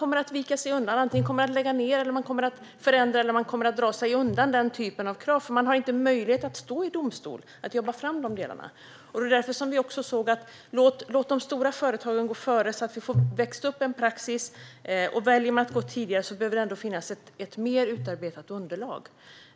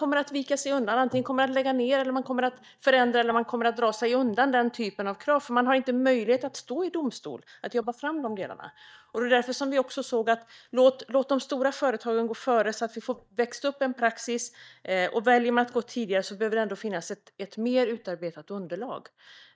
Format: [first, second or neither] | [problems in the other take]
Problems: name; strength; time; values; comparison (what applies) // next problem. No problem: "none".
first | noise reduction (neural mask model DeepFilterNet 3)